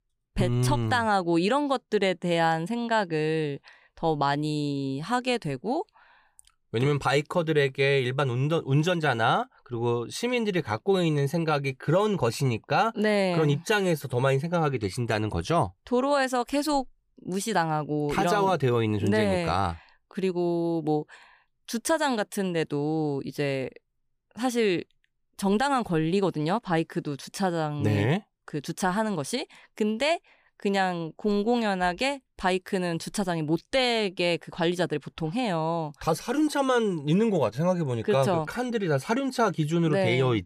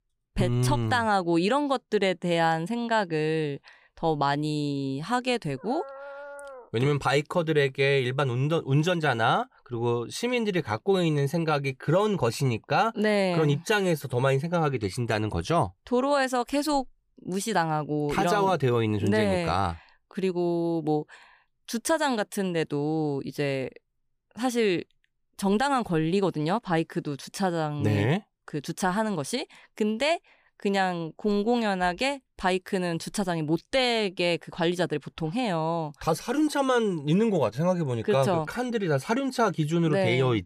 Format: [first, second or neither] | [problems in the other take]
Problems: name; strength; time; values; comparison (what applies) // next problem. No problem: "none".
first | dog barking; faint; from 5.5 to 6.5 s; peak 15 dB below the speech